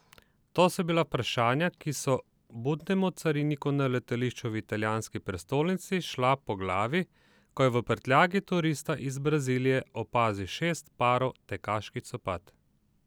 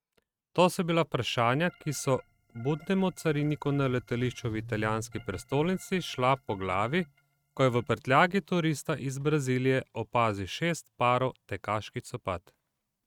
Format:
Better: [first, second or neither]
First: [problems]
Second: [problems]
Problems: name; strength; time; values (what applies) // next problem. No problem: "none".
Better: first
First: none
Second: noise reduction (neural mask model RNNoise)